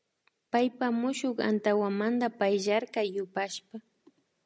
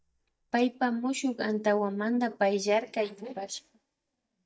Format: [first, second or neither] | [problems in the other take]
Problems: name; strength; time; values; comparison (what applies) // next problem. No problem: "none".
first | noise reduction (neural mask model DeepFilterNet 3)